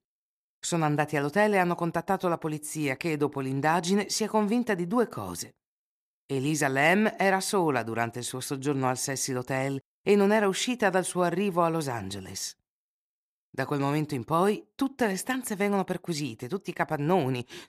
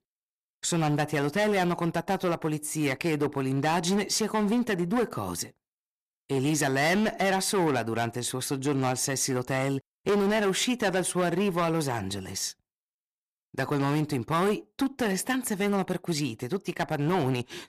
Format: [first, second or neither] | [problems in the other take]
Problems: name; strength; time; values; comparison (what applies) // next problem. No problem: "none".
first | distortion; heavy; 10% of the sound clipped